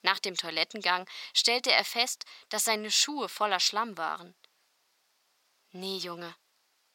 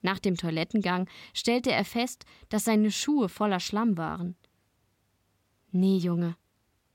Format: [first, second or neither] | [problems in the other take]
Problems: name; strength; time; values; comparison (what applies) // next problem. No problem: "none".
second | thin; very; fading below 750 Hz